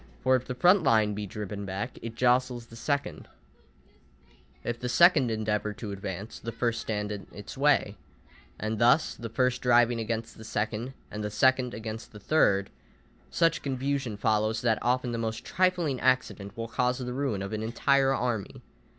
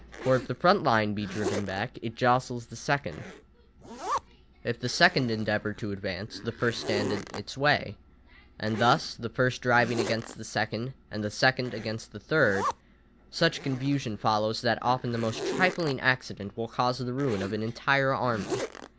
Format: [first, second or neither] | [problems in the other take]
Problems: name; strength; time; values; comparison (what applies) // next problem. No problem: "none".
first | background sound (Zipper (clothing)); 11 dB below the speech